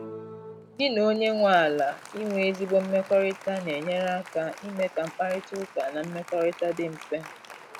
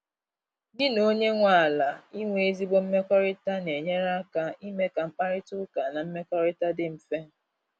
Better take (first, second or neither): second